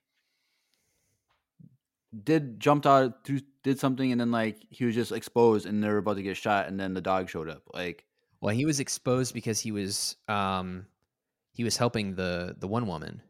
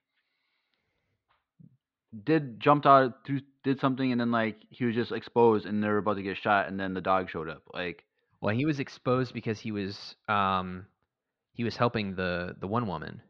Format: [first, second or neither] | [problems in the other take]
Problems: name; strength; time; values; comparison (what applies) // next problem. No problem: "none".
first | muffled; slightly; fading above 4 kHz